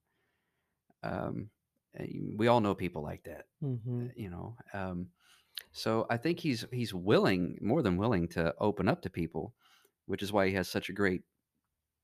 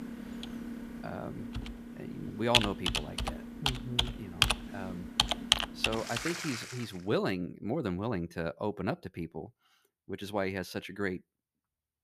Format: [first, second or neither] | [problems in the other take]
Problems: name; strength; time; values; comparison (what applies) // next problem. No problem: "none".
first | household noises; very loud; until 6.5 s; 5 dB above the speech